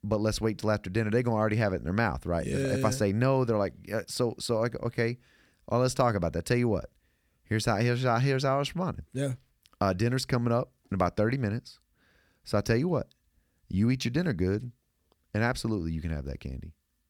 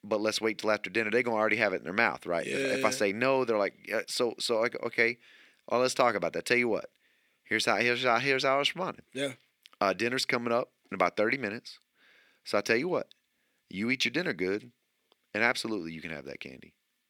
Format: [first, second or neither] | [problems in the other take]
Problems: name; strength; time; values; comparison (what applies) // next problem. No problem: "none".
first | thin; somewhat; fading below 350 Hz